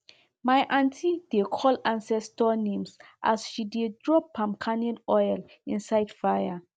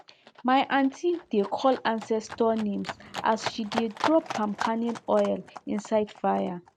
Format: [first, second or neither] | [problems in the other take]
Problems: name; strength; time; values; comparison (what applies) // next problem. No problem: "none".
first | background sound (Livestock, farm animals, working animals); 11 dB below the speech